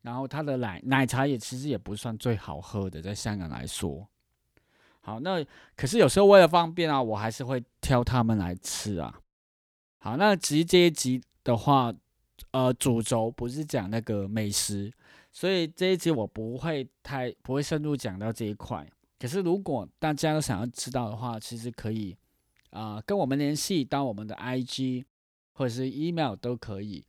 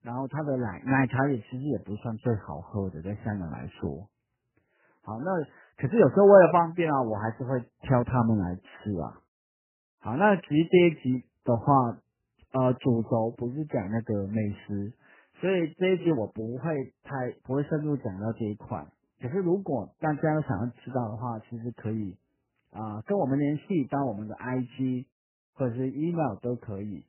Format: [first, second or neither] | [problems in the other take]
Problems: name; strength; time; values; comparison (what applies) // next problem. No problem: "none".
first | garbled, watery; badly; nothing above 3 kHz